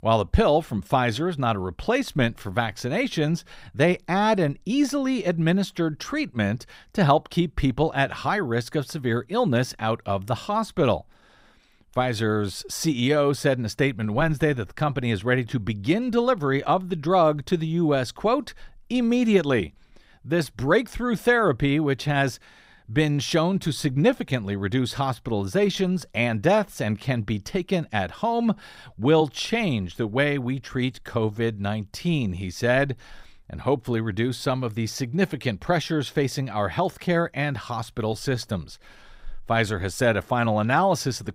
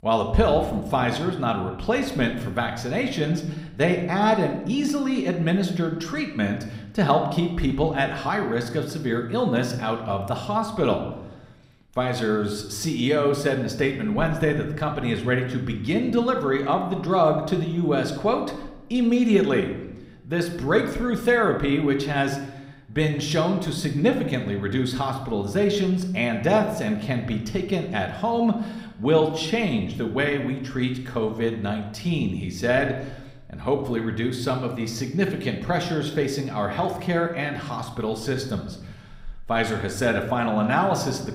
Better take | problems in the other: first | room echo; slight; dies away in 0.8 s

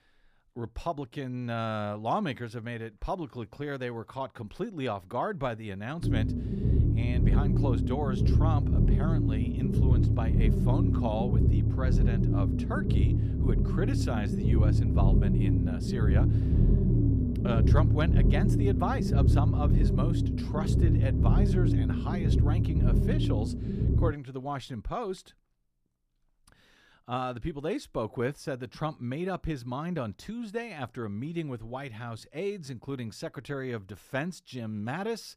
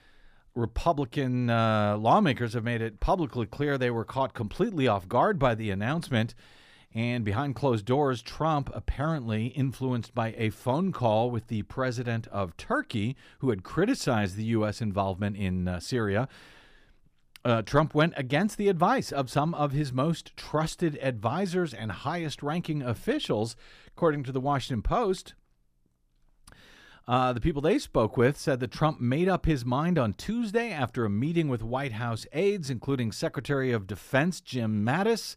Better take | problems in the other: second | low rumble; loud; from 6 to 24 s; 1 dB below the speech

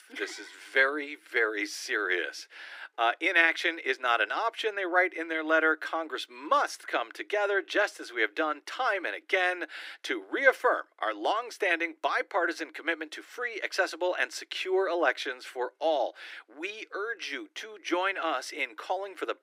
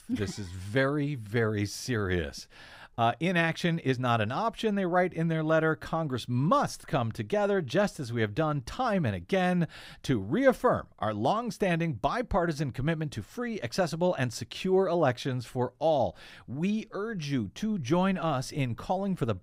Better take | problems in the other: second | thin; very; fading below 300 Hz

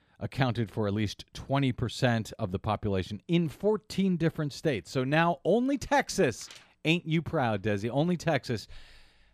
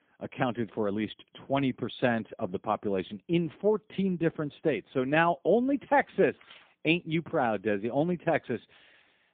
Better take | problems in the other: first | phone-call audio; poor line; nothing above 3.5 kHz

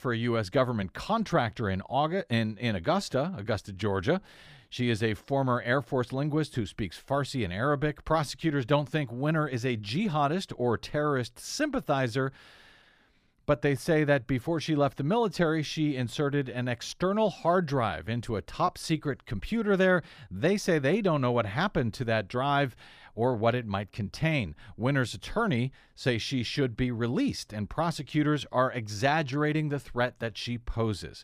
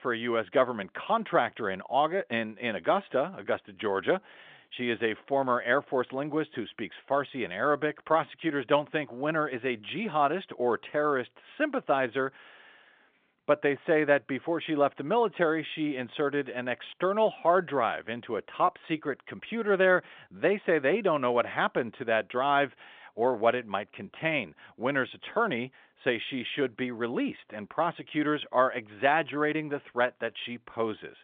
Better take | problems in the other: first | phone-call audio; nothing above 3.5 kHz

